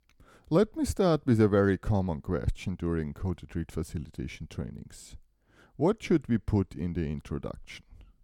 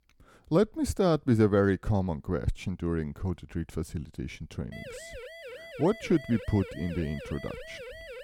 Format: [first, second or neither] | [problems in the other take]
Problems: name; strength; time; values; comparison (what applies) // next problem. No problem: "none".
first | siren; faint; from 4.5 s on; peak 15 dB below the speech